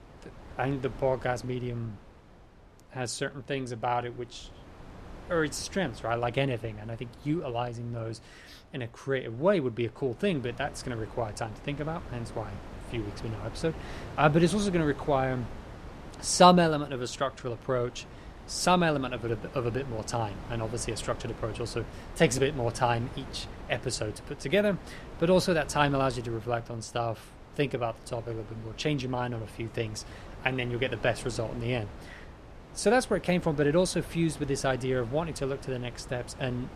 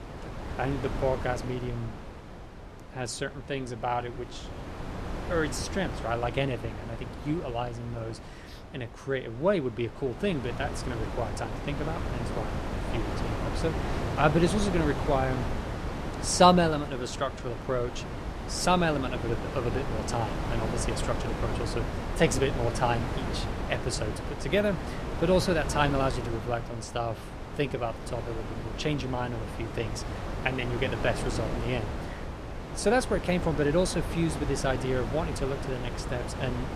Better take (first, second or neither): first